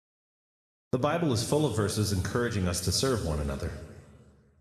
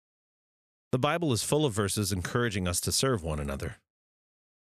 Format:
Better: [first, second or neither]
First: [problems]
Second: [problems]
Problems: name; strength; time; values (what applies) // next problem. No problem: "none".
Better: second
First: room echo; slight; dies away in 1.7 s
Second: none